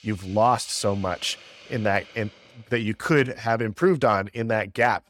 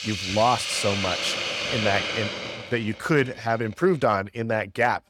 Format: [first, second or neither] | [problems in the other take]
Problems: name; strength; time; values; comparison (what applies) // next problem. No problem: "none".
first | hiss; loud; throughout; 2 dB below the speech; faint in the first